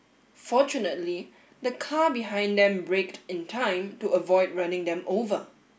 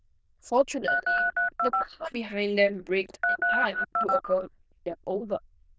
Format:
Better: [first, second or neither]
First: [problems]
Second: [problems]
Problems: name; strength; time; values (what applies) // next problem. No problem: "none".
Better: first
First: none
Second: noise reduction (neural diffusion model UNIVERSE++)